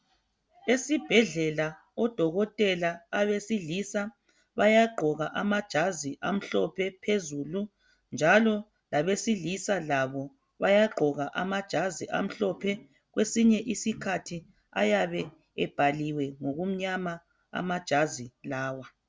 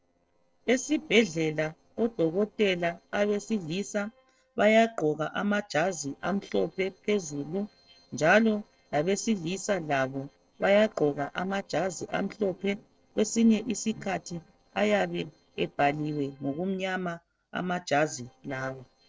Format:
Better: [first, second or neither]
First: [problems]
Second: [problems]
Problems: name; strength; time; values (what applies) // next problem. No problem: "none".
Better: first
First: none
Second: noise reduction (neural separator model SepFormer DNS4)